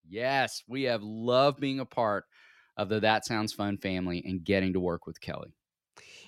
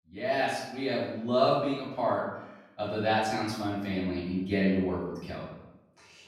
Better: first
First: none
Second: room echo; noticeable; dies away in 0.8 s // off-mic speech; far

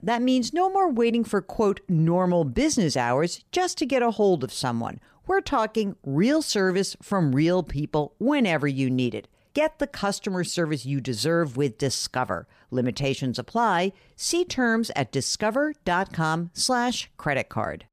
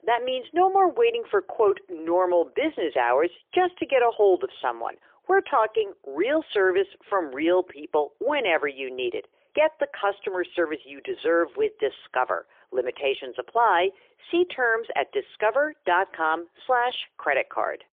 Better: first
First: none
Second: phone-call audio; poor line; nothing above 3.5 kHz

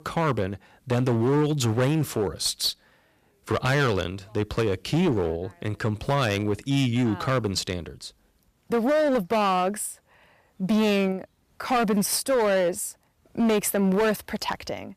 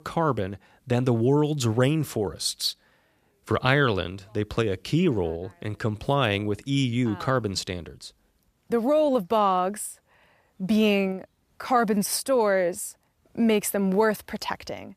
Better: second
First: distortion; slight; 12% of the sound clipped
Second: none

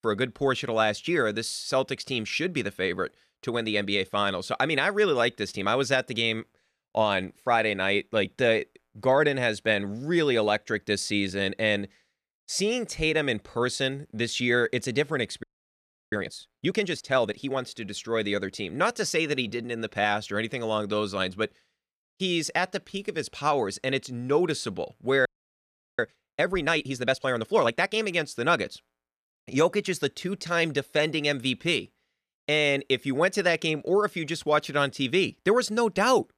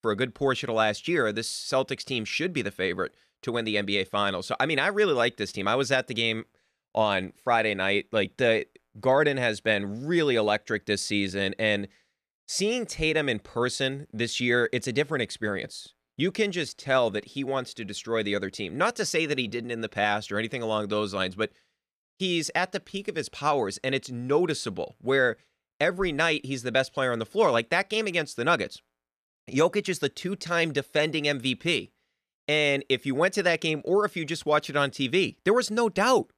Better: second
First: audio freezing; at 15 s for 0.5 s and at 25 s for 0.5 s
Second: none

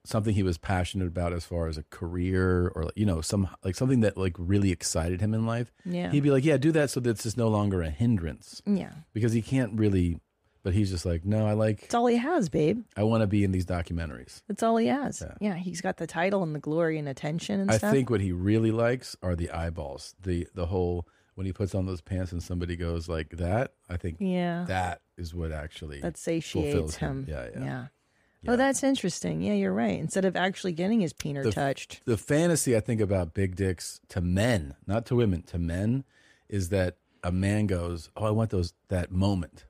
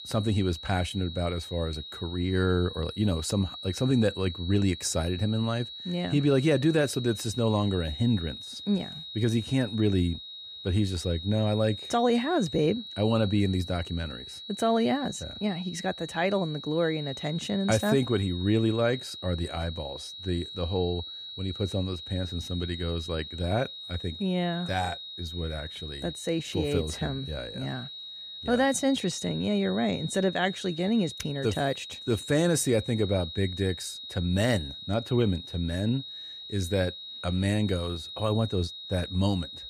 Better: first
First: none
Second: high-pitched whine; loud; throughout; 4 kHz, 10 dB below the speech

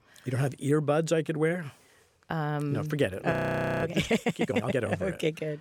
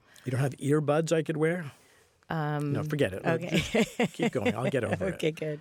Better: second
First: audio freezing; at 3.5 s for 0.5 s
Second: none

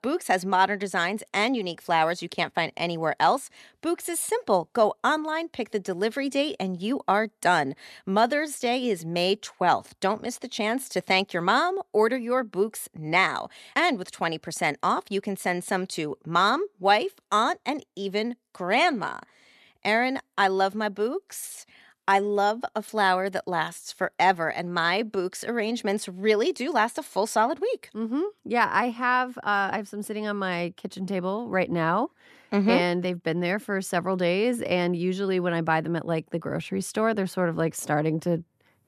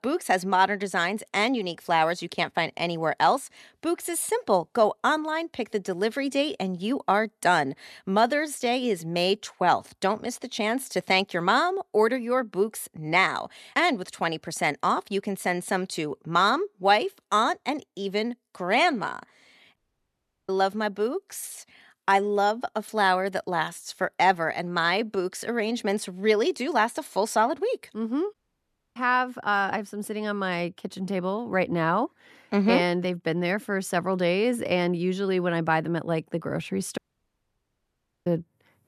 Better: first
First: none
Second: audio cutting out; at 20 s for 0.5 s, at 28 s for 0.5 s and at 37 s for 1.5 s

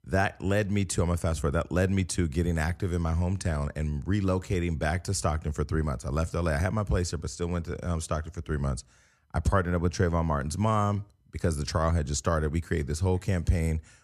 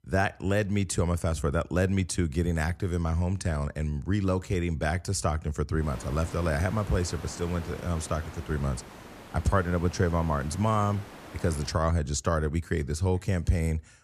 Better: first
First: none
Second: hiss; noticeable; from 6 to 12 s; 15 dB below the speech

